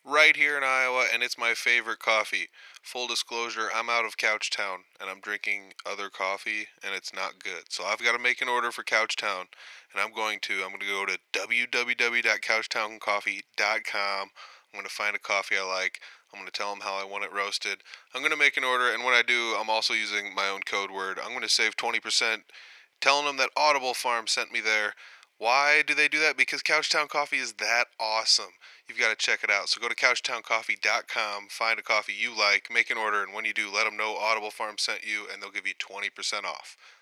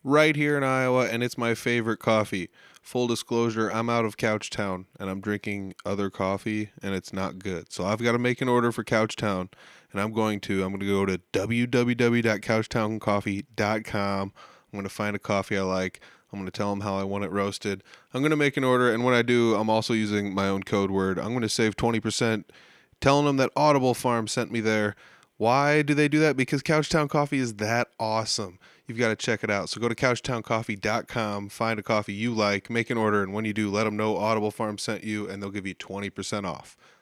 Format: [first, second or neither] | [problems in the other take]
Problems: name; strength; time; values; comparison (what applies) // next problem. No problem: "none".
second | thin; very; fading below 800 Hz